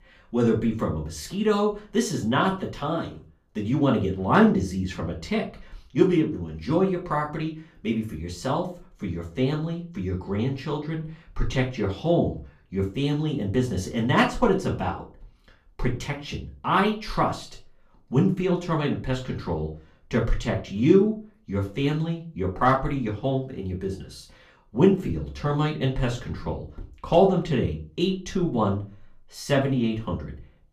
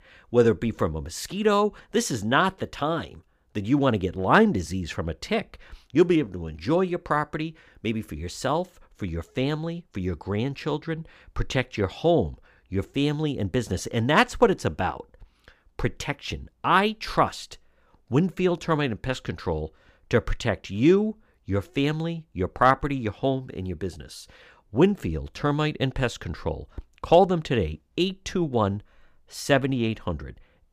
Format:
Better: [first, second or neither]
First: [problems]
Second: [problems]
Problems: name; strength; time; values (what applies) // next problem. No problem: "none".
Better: second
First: off-mic speech; far // room echo; very slight; dies away in 0.3 s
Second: none